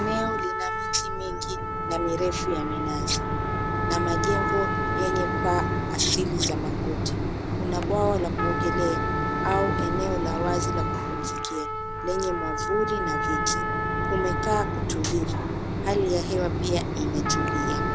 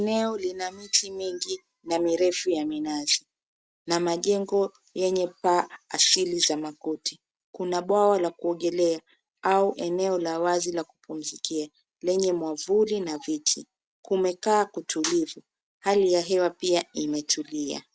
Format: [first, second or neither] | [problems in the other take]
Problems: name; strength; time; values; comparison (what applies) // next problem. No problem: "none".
second | background sound (Trumpet + Mechanisms); 3 dB above the speech